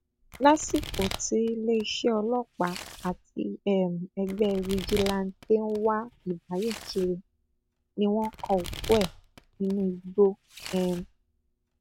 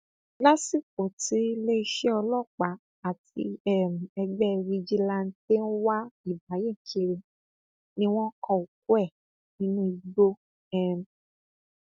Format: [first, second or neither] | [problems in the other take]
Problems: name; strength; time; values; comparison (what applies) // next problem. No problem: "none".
second | background sound (Domestic sounds, home sounds); 14 dB below the speech